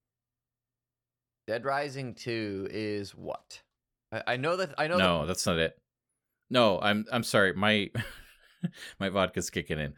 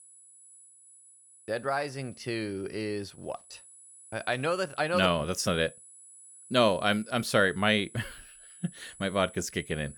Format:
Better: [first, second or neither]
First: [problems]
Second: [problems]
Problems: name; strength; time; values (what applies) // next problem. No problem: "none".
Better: first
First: none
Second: high-pitched whine; faint; throughout; 10.5 kHz, 20 dB below the speech